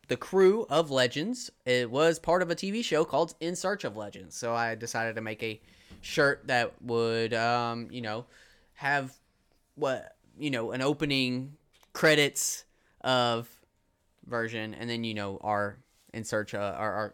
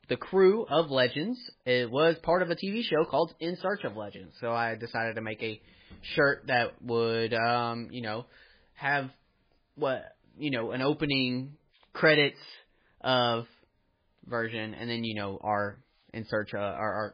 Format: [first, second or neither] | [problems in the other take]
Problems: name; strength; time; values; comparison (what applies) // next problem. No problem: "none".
first | garbled, watery; badly; nothing above 4.5 kHz